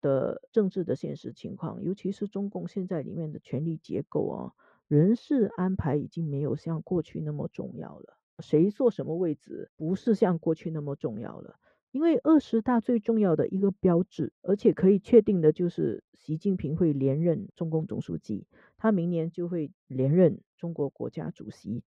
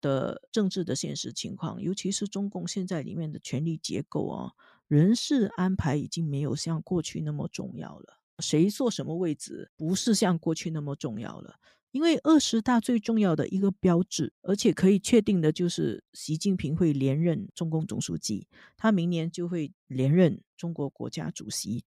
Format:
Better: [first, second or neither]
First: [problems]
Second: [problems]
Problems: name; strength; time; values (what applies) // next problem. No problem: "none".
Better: second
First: muffled; very; fading above 3.5 kHz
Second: none